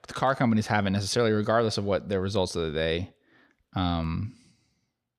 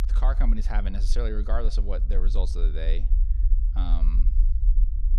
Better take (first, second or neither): first